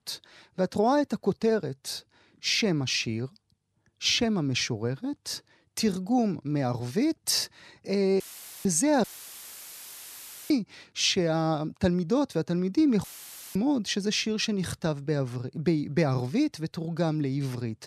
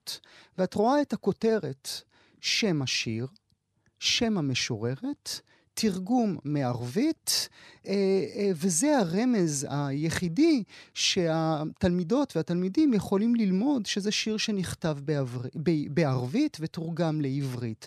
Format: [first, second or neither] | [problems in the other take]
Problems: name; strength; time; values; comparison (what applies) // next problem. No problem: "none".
second | audio cutting out; filled with static; at 8 s, at 9 s for 1.5 s and at 13 s for 0.5 s